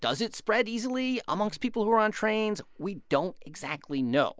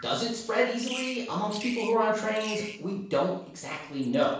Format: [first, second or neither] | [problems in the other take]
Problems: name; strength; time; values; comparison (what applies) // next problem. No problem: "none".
first | background sound (Bird vocalization, bird call, bird song); 15 dB below the speech // room echo; dies away in 0.7 s